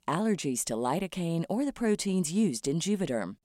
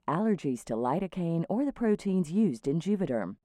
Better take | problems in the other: first | muffled; very; fading above 2.5 kHz

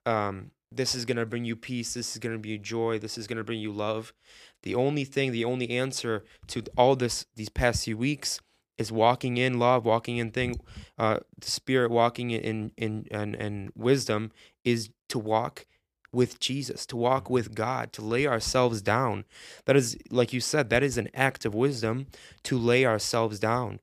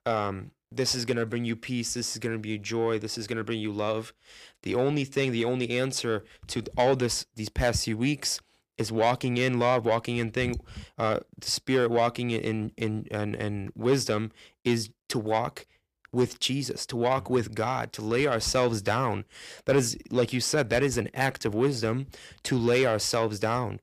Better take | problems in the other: first | distortion; slight; 10 dB below the speech

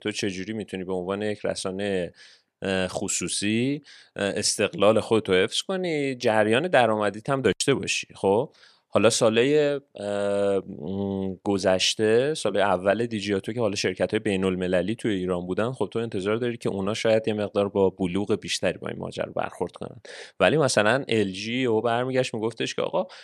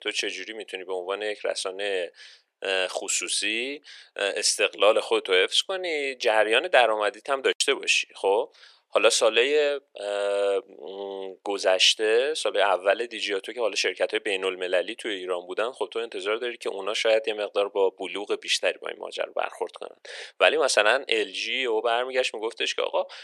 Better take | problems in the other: first | thin; very; fading below 400 Hz

